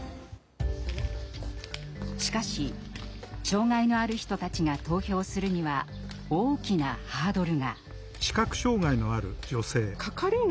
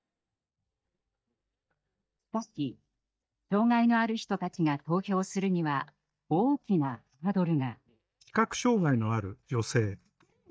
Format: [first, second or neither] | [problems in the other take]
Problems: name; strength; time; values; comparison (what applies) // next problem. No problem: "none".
first | noise reduction (neural mask model DeepFilterNet 3)